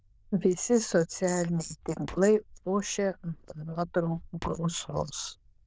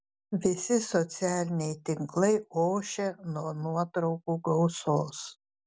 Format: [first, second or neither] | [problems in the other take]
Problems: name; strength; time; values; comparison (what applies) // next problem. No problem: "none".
second | noise reduction (neural diffusion model UNIVERSE++)